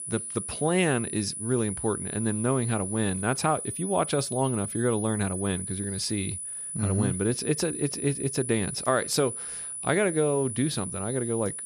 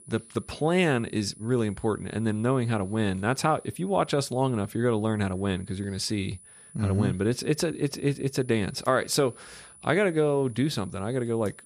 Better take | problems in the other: second | high-pitched whine; loud; throughout; 10 kHz, 5 dB below the speech; faint in the second

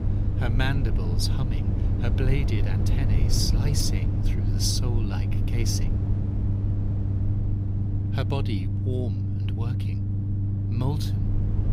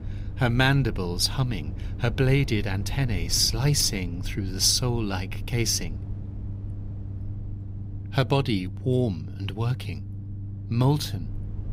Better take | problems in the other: second | low rumble; loud; throughout; 4 dB below the speech; faint in the second

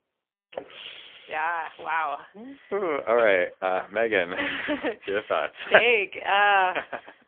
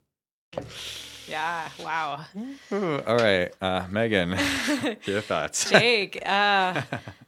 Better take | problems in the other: second | phone-call audio; poor line; nothing above 3 kHz

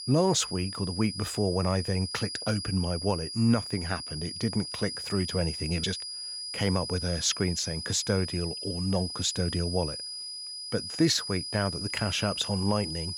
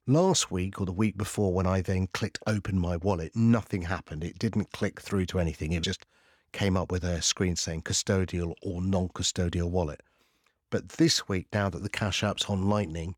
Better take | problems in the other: second | high-pitched whine; loud; throughout; 5 kHz, 5 dB below the speech

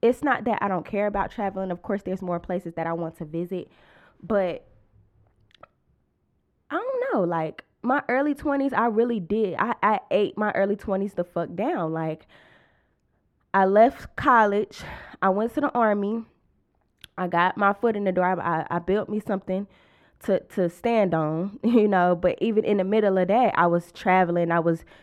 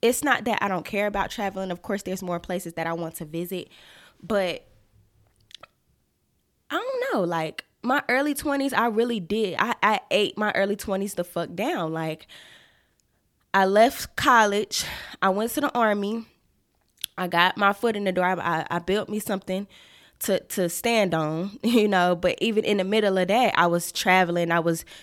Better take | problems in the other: second | muffled; very; fading above 2.5 kHz

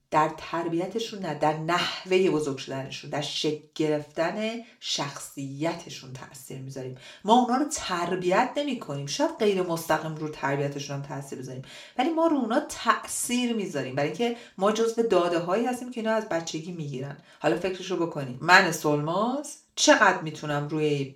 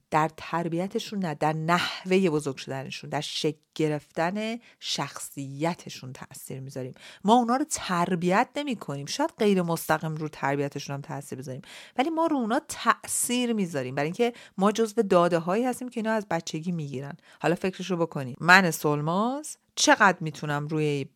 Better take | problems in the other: second | room echo; very slight; dies away in 0.3 s // off-mic speech; somewhat distant

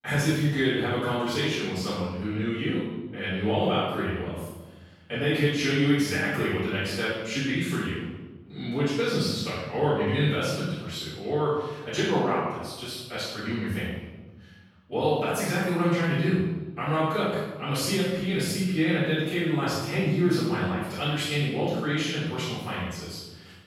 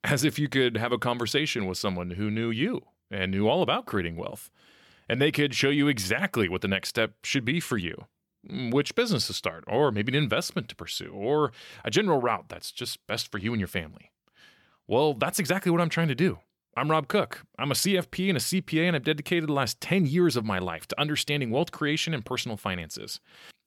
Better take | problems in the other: second | off-mic speech; far // room echo; strong; dies away in 1.1 s

